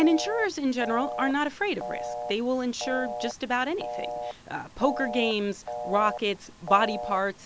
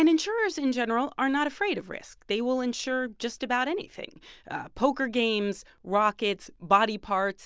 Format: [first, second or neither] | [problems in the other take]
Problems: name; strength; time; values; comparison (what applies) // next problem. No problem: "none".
second | background sound (Telephone); 8 dB below the speech